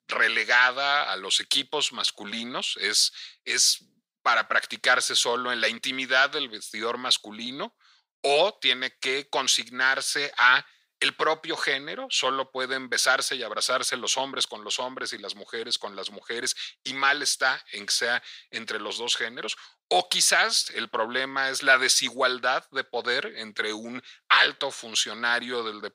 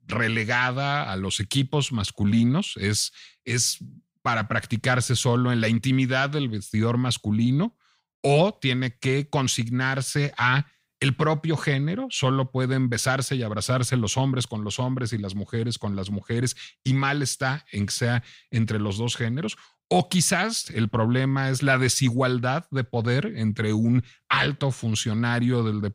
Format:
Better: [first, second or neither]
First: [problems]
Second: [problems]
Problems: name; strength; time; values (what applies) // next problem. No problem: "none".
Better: second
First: thin; very; fading below 450 Hz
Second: none